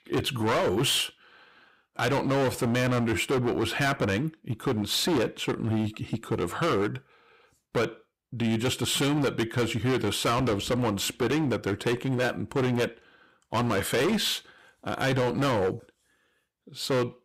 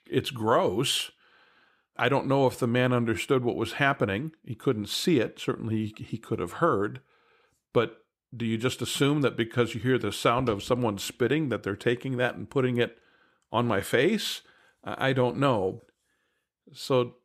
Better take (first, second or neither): second